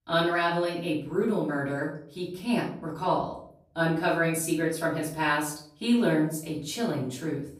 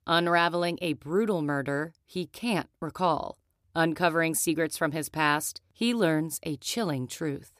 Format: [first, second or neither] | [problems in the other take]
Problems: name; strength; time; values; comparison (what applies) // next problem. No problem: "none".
second | room echo; noticeable; dies away in 0.5 s // off-mic speech; far